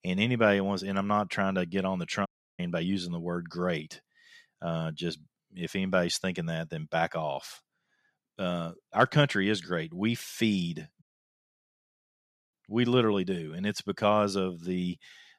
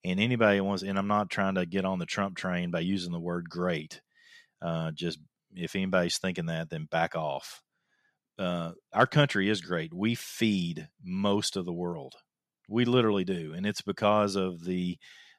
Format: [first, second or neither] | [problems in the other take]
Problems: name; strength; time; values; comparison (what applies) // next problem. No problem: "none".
second | audio cutting out; at 2.5 s and at 11 s for 1.5 s